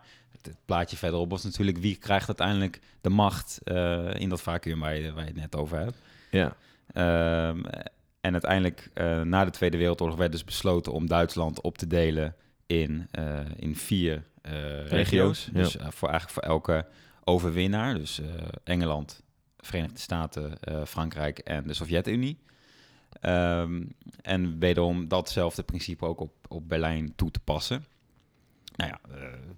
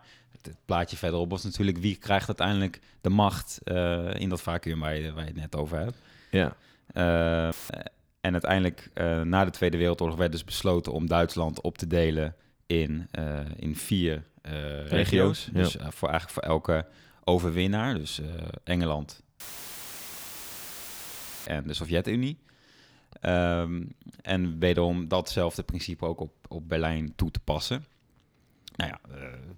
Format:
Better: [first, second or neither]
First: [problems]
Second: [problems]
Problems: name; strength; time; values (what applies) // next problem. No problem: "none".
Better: first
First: none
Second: audio cutting out; filled with static; at 7.5 s and at 19 s for 2 s